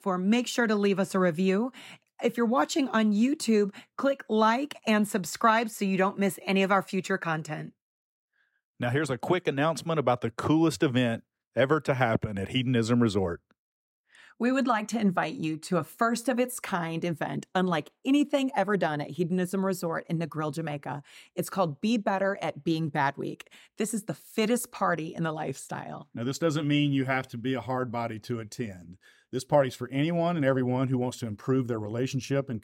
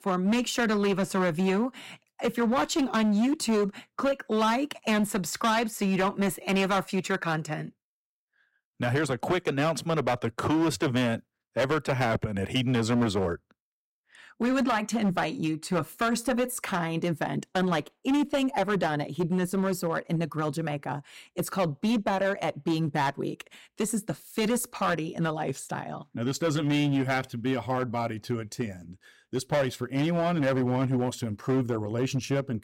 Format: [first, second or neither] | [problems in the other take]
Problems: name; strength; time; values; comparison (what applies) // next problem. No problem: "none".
first | distortion; slight; 11% of the sound clipped